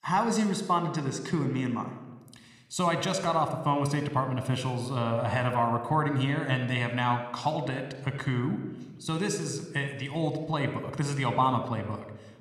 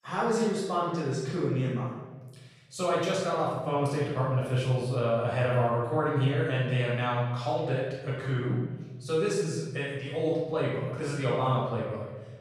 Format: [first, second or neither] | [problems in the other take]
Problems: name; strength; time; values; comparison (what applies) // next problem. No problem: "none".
first | room echo; strong; dies away in 1.3 s; slight in the first // off-mic speech; far